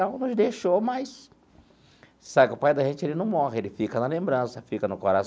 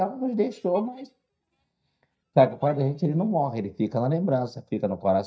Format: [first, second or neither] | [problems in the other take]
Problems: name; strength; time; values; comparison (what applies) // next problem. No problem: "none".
first | noise reduction (neural mask model DeepFilterNet 3)